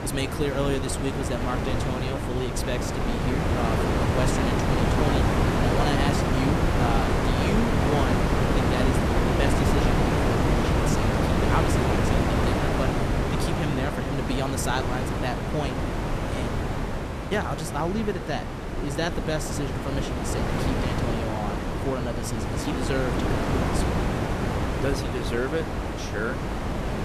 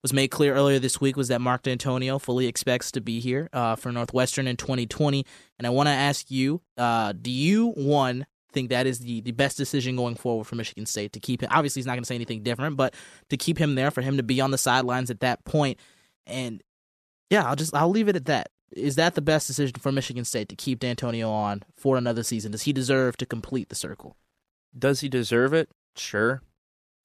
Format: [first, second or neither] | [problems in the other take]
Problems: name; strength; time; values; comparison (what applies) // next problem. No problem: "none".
second | wind noise on the microphone; heavy; 4 dB above the speech